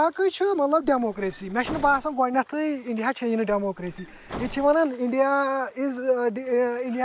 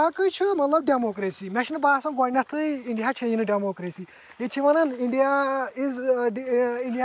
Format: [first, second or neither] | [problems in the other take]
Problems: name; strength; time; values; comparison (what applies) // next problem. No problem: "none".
second | background sound (Bus); 16 dB below the speech